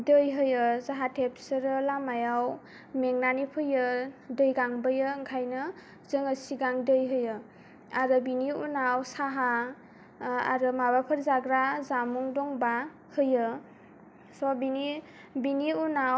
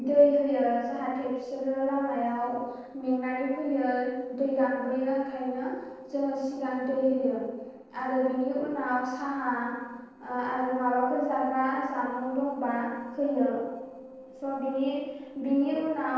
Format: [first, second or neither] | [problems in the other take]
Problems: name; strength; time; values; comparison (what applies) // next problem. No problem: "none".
first | noise reduction (neural separator model SepFormer DNS4)